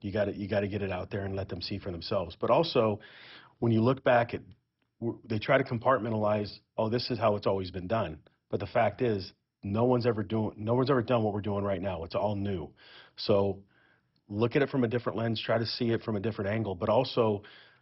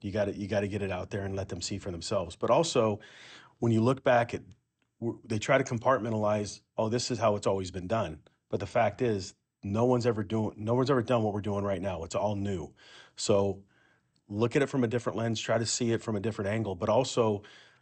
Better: second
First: garbled, watery; badly; nothing above 5.5 kHz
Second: garbled, watery; slightly; nothing above 8 kHz

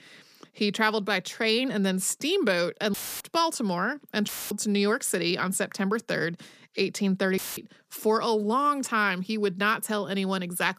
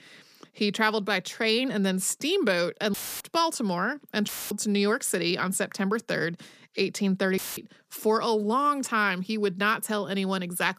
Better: neither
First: audio cutting out; filled with static; at 3 s, at 4.5 s and at 7.5 s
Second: audio cutting out; filled with static; at 3 s, at 4.5 s and at 7.5 s

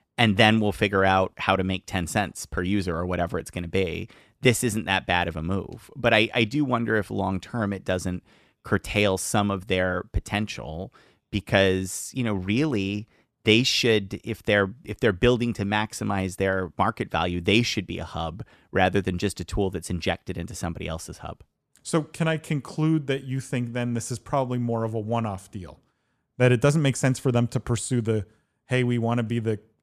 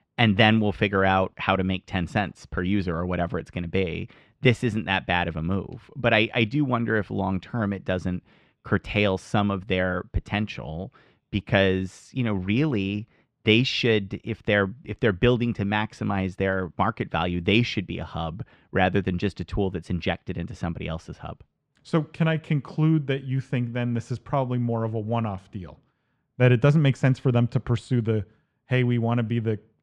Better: first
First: none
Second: muffled; slightly; fading above 3 kHz

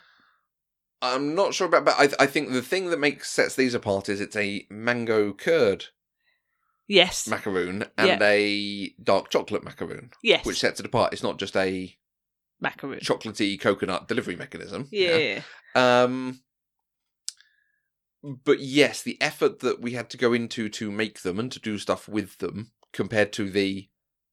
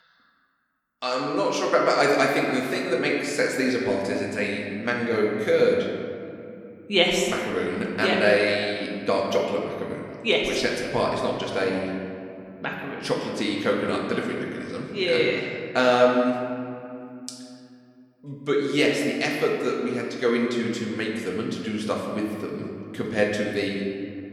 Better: first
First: none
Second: room echo; noticeable; dies away in 2.2 s // off-mic speech; somewhat distant

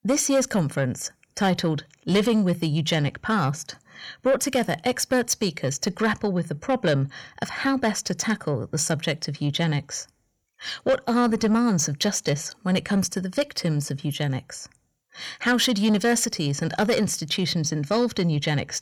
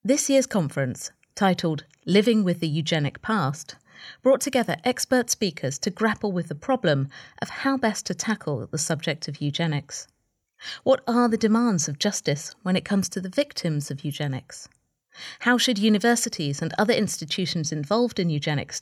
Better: second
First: distortion; slight; 10 dB below the speech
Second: none

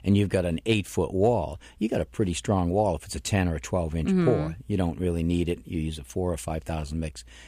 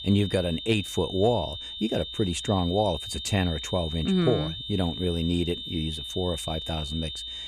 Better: first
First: none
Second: high-pitched whine; loud; throughout; 3.5 kHz, 7 dB below the speech

